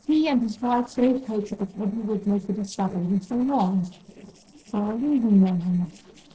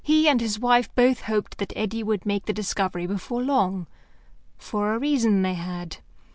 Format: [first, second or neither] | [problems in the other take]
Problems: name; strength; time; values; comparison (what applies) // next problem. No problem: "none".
second | noise reduction (neural separator model SepFormer DNS4)